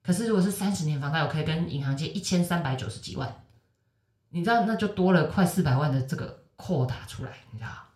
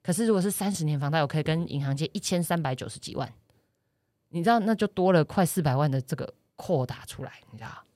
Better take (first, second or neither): second